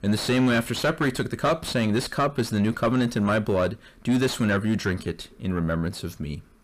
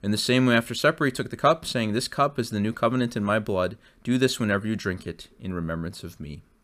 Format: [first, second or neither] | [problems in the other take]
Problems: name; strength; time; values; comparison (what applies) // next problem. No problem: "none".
second | distortion; heavy; 7 dB below the speech